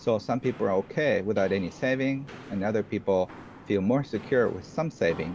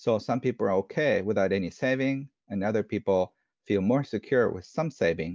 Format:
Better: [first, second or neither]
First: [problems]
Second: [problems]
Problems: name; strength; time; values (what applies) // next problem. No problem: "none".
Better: second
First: background sound (Walk, footsteps); 18 dB below the speech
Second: none